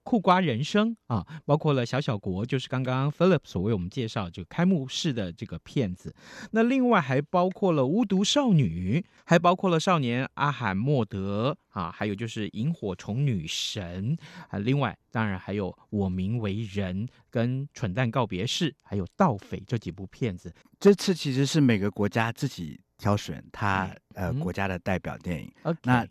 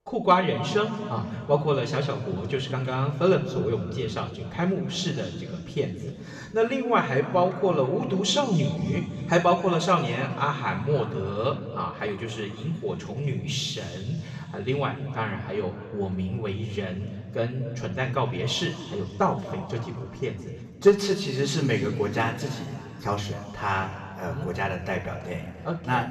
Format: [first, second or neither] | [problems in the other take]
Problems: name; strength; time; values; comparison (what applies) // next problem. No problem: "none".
first | room echo; slight; dies away in 2.4 s // off-mic speech; somewhat distant